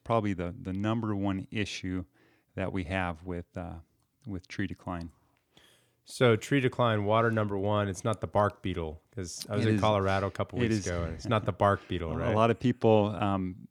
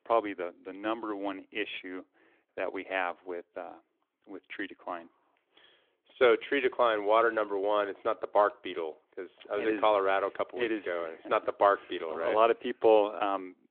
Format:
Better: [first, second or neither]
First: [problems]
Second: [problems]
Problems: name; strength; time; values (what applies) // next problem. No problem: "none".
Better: first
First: none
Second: phone-call audio; nothing above 3.5 kHz